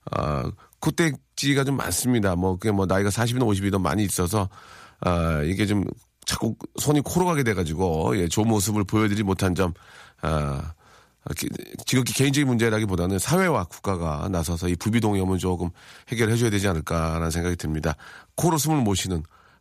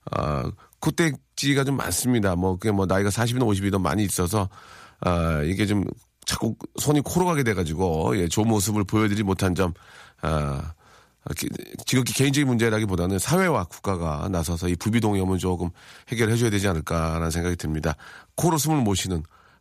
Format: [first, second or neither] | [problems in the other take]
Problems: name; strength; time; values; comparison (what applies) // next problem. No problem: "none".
neither | none